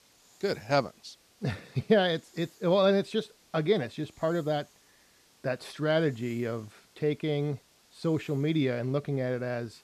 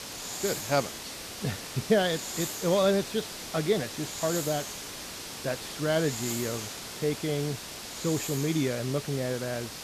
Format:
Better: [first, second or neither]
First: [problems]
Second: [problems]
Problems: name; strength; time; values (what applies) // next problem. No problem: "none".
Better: first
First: hiss; faint; throughout; 30 dB below the speech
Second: hiss; loud; throughout; 6 dB below the speech